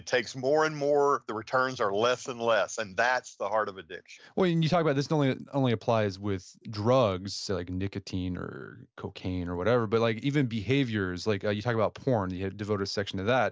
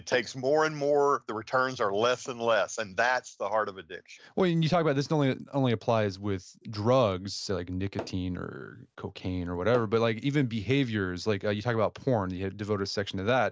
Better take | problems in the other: first | background sound (Tap / Hammer); 16 dB below the speech

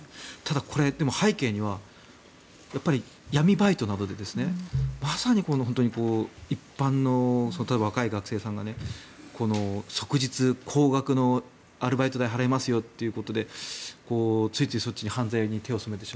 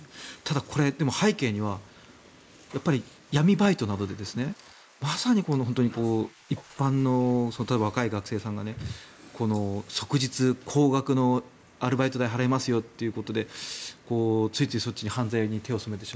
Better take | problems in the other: first | noise reduction (neural mask model Resemble Enhance denoiser)

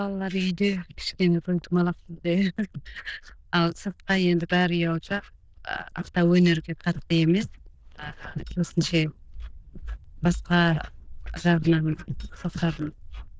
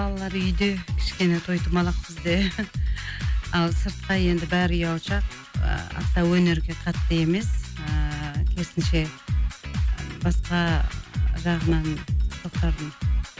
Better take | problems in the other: second | noise reduction (neural diffusion model UNIVERSE++)

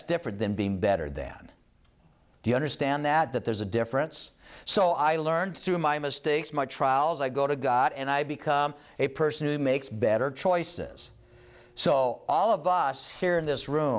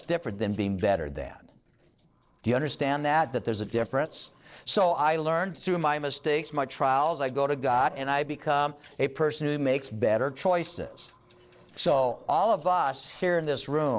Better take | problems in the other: first | noise reduction (neural separator model SepFormer DNS4)

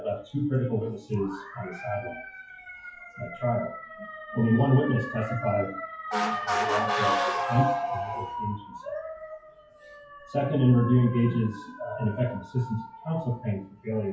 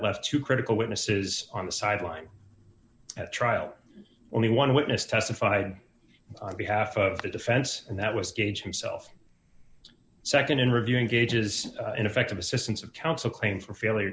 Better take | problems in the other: second | noise reduction (classical method WPE with log-MMSE)

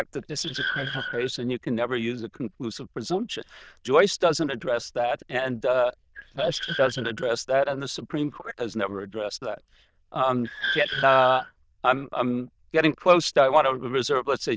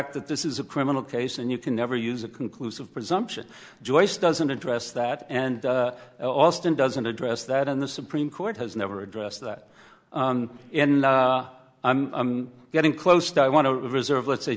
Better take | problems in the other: second | noise reduction (neural diffusion model UNIVERSE++)

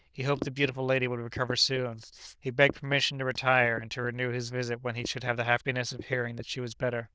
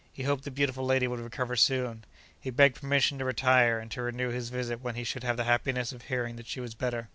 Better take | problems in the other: second | noise reduction (neural diffusion model UNIVERSE++)

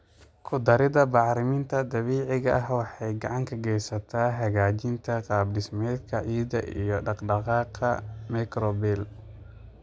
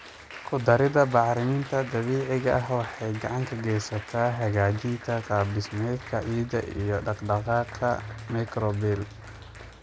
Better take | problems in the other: first | background sound (Applause); 17 dB below the speech

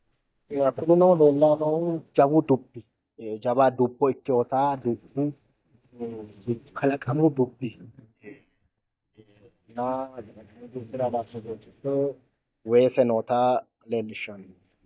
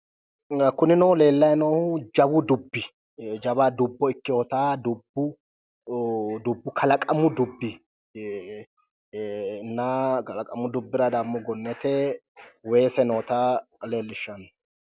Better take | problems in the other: second | noise reduction (neural mask model DeepFilterNet 3)

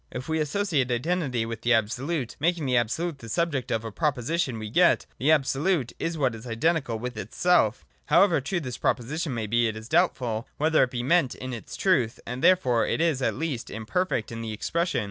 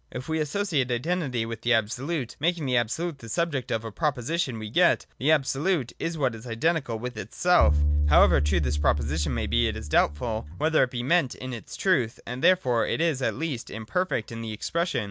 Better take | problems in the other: first | background sound (Bowed string instrument); 1 dB above the speech

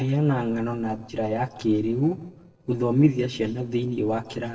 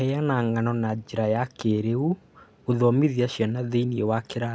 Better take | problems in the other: second | noise reduction (neural separator model SepFormer DNS4)

